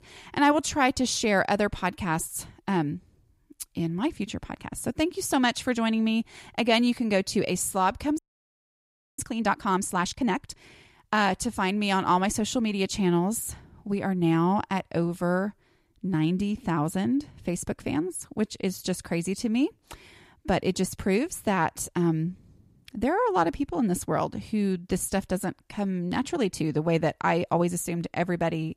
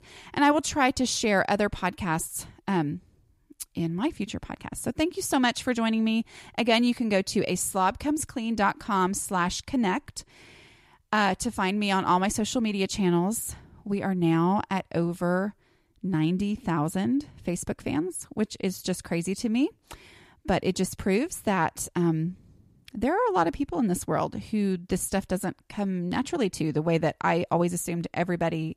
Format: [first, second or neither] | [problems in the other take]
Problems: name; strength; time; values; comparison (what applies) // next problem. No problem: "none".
second | audio freezing; at 8 s for 1 s